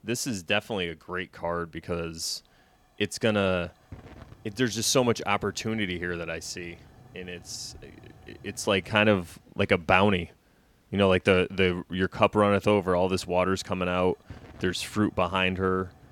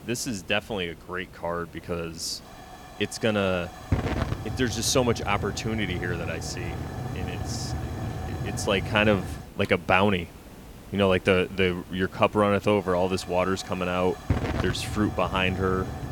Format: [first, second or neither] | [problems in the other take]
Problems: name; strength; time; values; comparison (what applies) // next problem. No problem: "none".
first | hiss; loud; throughout; 8 dB below the speech; faint in the first